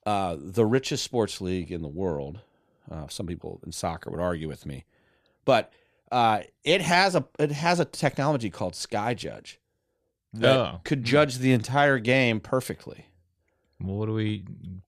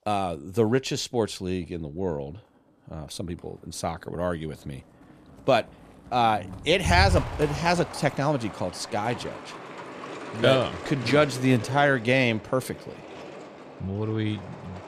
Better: first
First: none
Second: traffic noise; noticeable; throughout; 10 dB below the speech

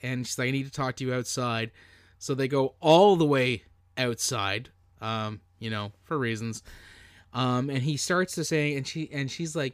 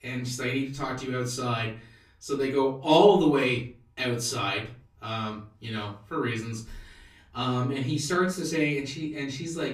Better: first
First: none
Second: off-mic speech; far // room echo; slight; dies away in 0.3 s

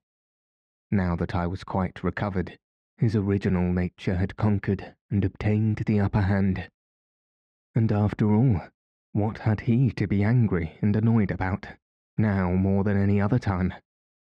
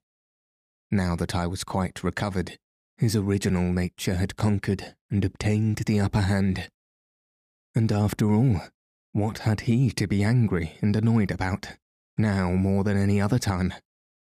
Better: second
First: muffled; slightly; fading above 2.5 kHz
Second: none

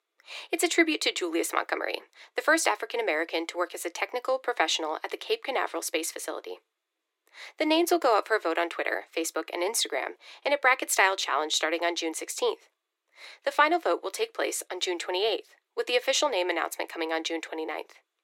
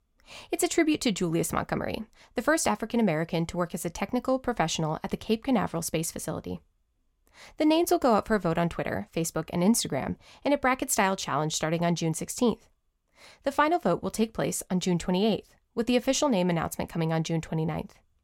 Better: second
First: thin; very; fading below 300 Hz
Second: none

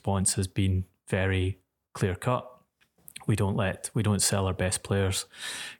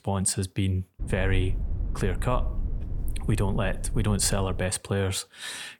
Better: first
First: none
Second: low rumble; noticeable; from 1 to 4.5 s; 20 dB below the speech

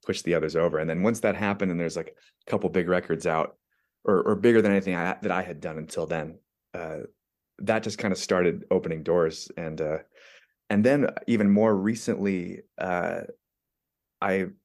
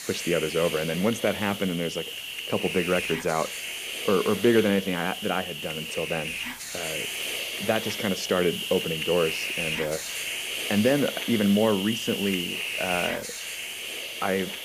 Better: first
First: none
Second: hiss; loud; throughout; 4 dB below the speech

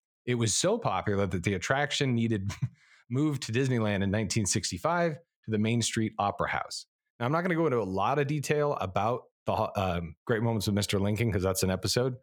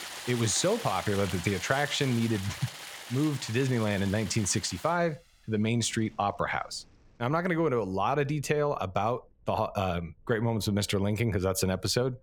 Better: first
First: none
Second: rain or running water; noticeable; throughout; 10 dB below the speech

